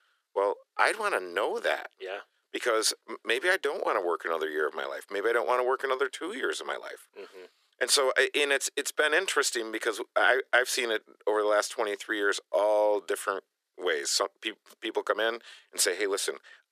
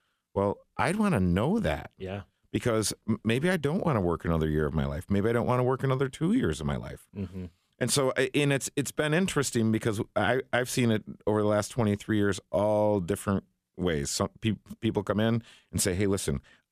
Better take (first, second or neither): second